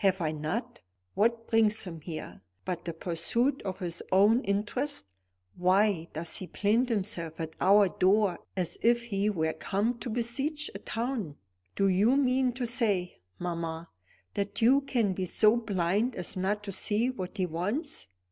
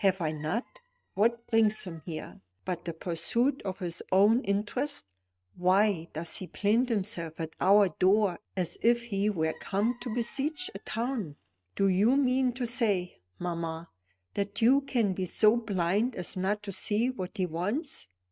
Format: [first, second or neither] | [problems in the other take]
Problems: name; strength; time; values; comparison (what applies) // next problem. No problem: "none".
first | noise reduction (neural mask model RNNoise)